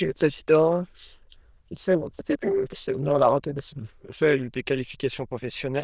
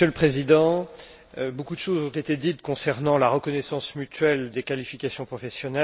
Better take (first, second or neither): second